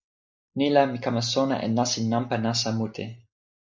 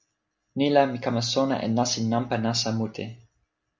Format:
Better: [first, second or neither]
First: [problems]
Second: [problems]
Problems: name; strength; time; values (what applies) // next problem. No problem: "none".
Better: second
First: noise reduction (neural mask model Resemble Enhance denoiser)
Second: none